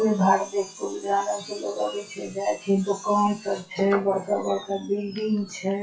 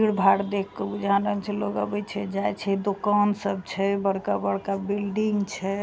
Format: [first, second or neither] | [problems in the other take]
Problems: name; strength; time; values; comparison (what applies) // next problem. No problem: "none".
second | noise reduction (classical method WPE with log-MMSE)